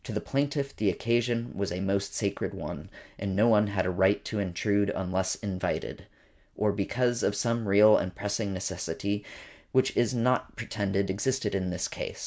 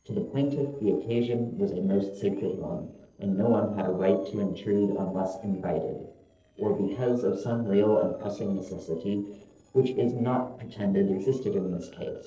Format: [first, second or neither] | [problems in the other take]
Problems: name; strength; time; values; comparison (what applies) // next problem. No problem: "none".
first | noise reduction (neural separator model SepFormer DNS4)